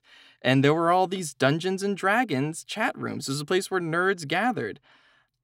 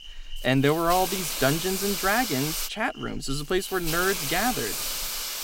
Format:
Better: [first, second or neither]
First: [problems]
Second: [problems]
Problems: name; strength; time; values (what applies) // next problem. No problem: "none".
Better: first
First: none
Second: hiss; loud; throughout; 3 dB below the speech